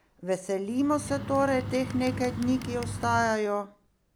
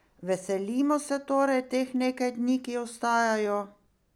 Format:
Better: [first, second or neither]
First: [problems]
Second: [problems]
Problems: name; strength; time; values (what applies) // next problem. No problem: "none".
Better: second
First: background sound (Bird); 8 dB below the speech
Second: none